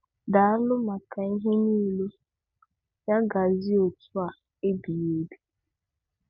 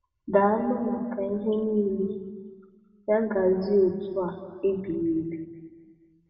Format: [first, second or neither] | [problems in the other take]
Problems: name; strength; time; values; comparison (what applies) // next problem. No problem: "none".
first | room echo; dies away in 1.6 s